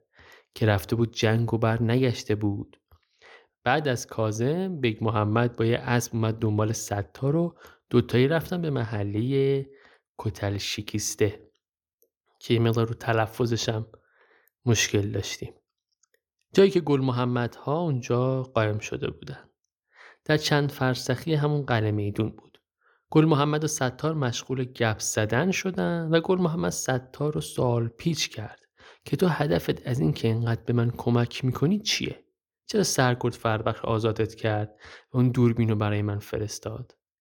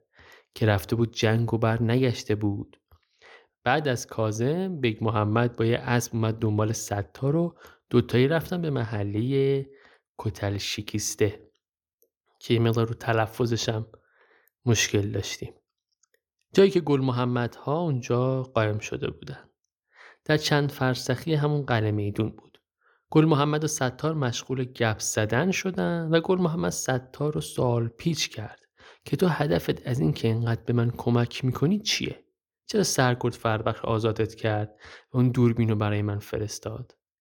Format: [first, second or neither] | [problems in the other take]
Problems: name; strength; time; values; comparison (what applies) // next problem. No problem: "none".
neither | none